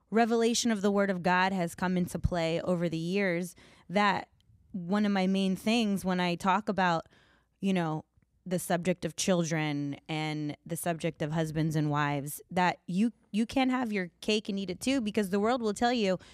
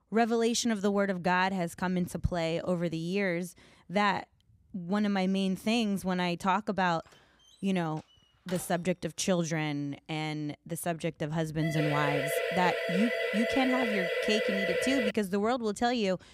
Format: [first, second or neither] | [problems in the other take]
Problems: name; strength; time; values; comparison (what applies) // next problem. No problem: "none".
first | door banging; faint; from 7 to 9 s; peak 15 dB below the speech // siren; loud; from 12 to 15 s; peak 1 dB above the speech